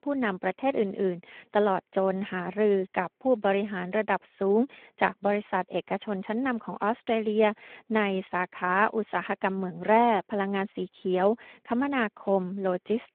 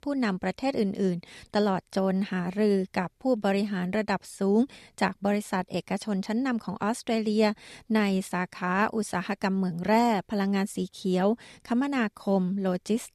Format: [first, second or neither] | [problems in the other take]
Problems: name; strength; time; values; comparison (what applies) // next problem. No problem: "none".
second | phone-call audio